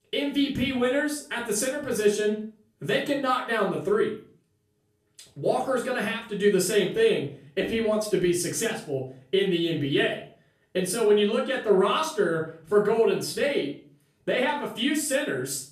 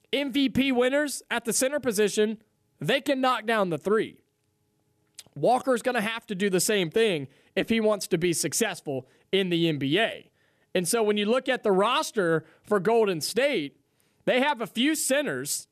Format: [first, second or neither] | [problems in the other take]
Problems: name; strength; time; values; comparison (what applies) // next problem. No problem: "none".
second | off-mic speech; far // room echo; slight; dies away in 0.4 s